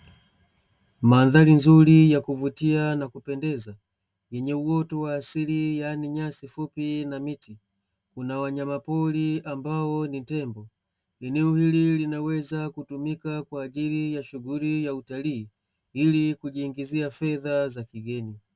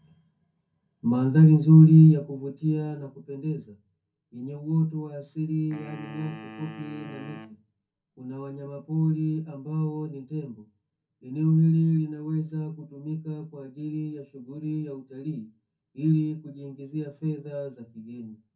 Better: first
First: none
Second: background sound (Wind instrument, woodwind instrument); 19 dB below the speech // room echo; dies away in 0.3 s

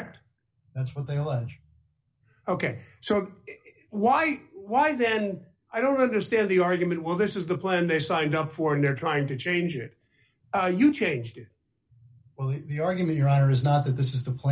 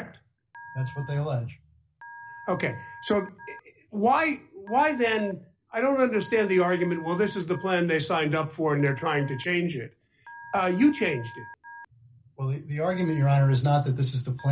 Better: first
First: none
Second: background sound (Telephone); 20 dB below the speech

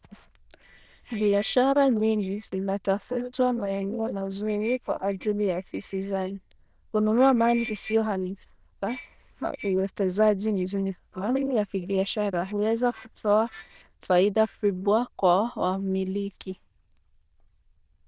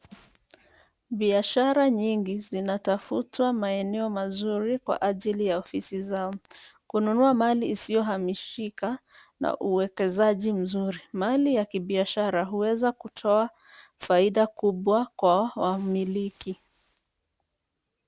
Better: second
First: noise reduction (neural diffusion model UNIVERSE++)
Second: none

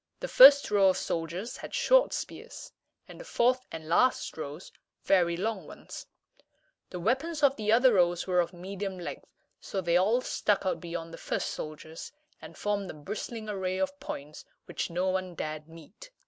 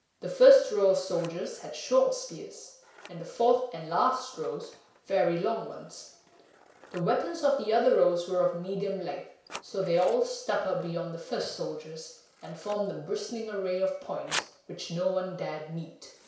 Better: first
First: none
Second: background sound (Scissors); 20 dB below the speech // room echo; dies away in 0.6 s

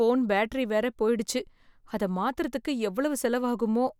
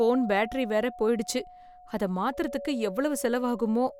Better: first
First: none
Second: background sound (Doorbell); 15 dB below the speech

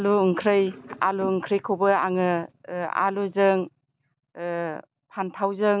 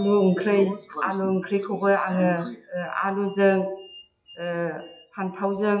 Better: first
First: none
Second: noise reduction (classical method WPE with log-MMSE)

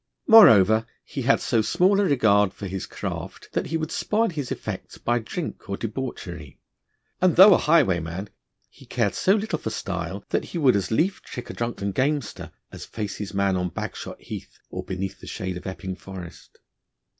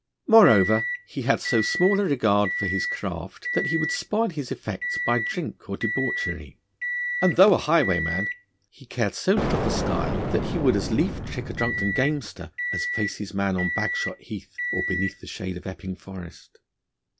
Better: first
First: none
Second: background sound (Microwave oven + Explosion); 4 dB below the speech

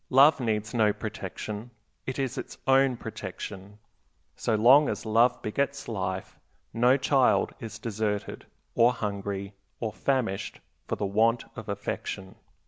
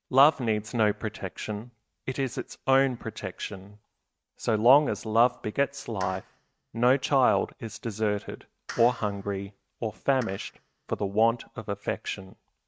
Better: first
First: none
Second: noise reduction (neural mask model RNNoise)

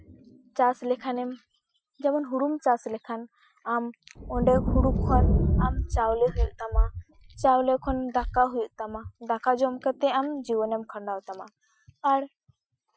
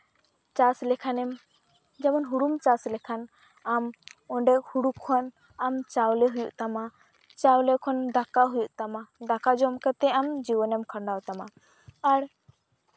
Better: second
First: noise reduction (classical method Wiener filter)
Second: none

